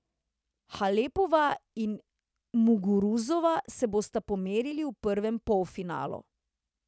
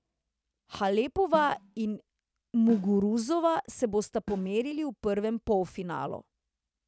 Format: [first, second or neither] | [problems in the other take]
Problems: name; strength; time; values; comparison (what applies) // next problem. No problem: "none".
first | background sound (Snare drum); 13 dB below the speech